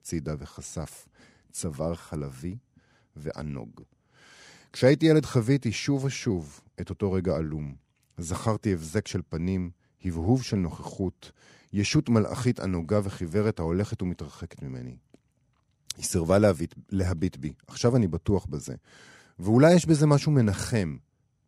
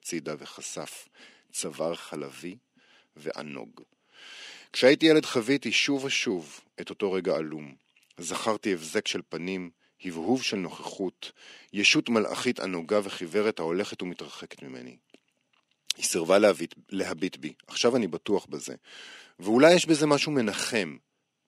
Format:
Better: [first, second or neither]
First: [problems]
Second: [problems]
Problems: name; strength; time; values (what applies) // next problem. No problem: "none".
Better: first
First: none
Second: thin; somewhat; fading below 250 Hz